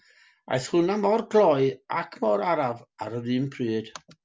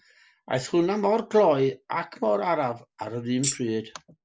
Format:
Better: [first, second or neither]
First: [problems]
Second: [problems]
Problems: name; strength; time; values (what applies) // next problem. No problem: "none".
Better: first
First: none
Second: noise reduction (neural mask model Resemble Enhance denoiser)